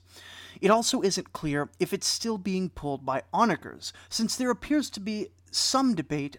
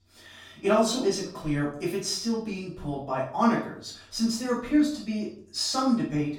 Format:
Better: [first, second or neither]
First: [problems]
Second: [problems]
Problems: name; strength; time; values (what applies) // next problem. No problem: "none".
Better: first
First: none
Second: off-mic speech; far // room echo; noticeable; dies away in 0.5 s